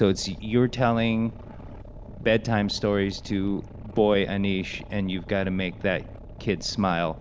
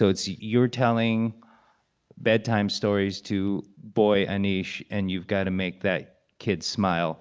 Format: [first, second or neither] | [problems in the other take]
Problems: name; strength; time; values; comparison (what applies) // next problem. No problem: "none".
second | background sound (Boat, Water vehicle); 15 dB below the speech